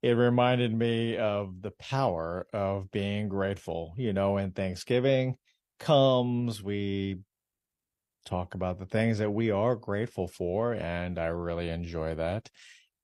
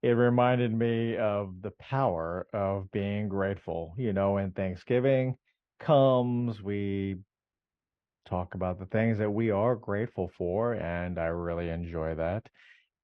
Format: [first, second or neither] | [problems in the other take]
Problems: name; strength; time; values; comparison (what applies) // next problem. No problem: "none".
first | muffled; very; fading above 2 kHz